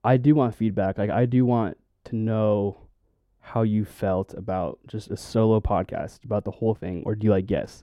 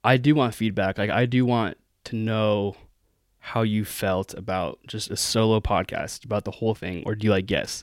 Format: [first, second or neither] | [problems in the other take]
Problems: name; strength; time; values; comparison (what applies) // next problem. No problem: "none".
second | muffled; very; fading above 1.5 kHz